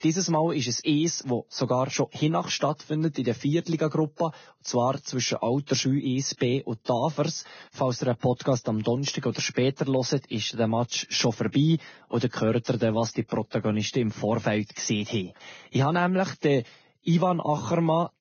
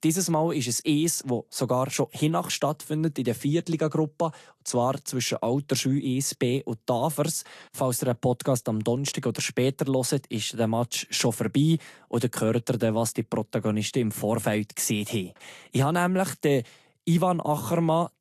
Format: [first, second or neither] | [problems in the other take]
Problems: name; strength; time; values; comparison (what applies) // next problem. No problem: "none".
second | garbled, watery; badly; nothing above 6.5 kHz; slightly in the second